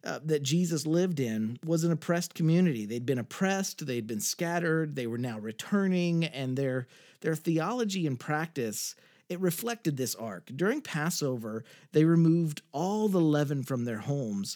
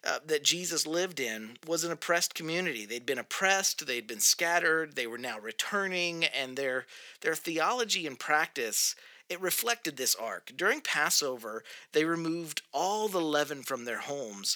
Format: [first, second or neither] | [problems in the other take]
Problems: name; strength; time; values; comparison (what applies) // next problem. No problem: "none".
first | thin; very; fading below 650 Hz